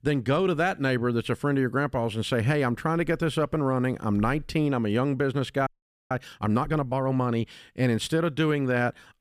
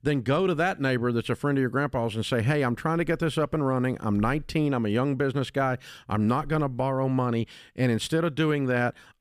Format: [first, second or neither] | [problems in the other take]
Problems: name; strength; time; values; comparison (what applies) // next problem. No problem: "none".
second | audio freezing; at 5.5 s